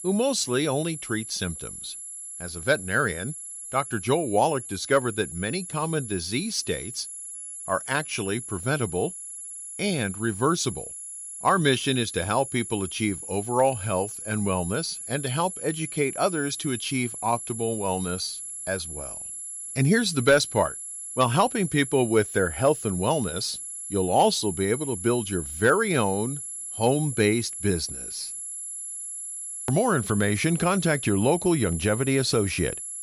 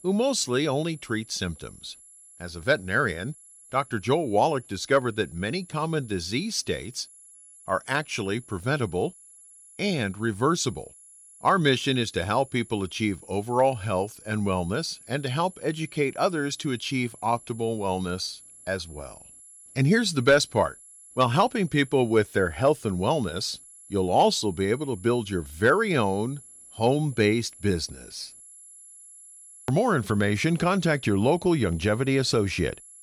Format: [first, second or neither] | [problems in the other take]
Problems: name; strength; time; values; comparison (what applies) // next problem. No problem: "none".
second | high-pitched whine; loud; throughout; 11 kHz, 8 dB below the speech; faint in the second